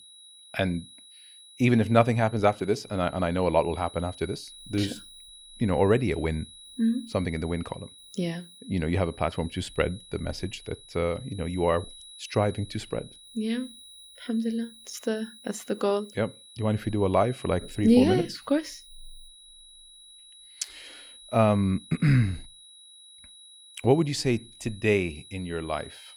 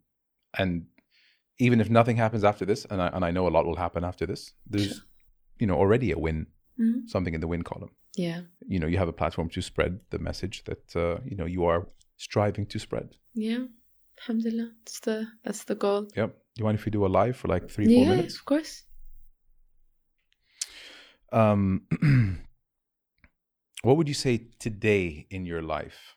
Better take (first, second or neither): second